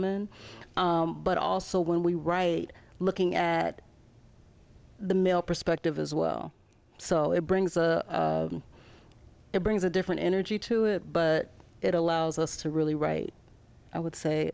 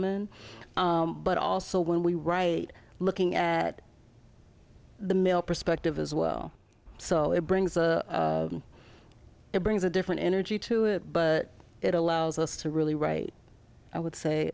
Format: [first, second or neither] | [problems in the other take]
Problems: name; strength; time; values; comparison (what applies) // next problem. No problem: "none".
first | background sound (Wind); 20 dB below the speech